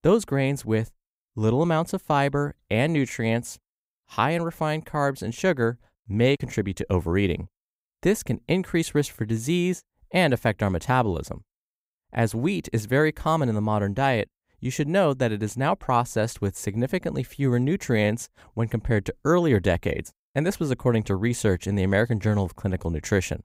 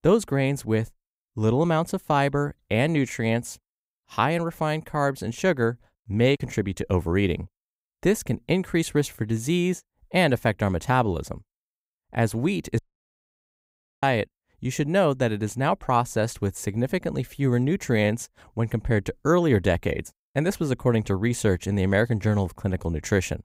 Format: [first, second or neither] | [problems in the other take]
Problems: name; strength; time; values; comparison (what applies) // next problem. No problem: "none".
first | audio cutting out; at 13 s for 1 s